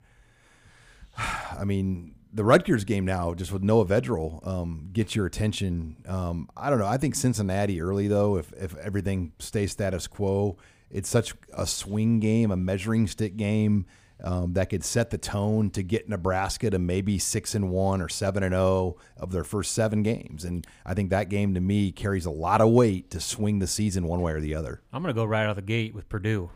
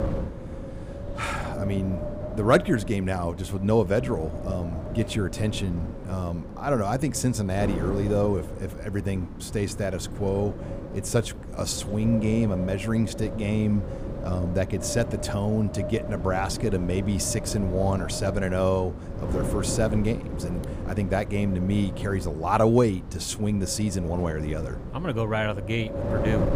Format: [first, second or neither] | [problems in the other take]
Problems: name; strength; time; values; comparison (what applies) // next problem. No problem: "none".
first | wind noise on the microphone; heavy; 9 dB below the speech